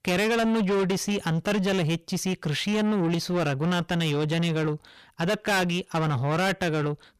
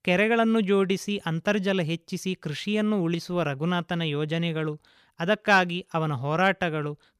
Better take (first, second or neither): second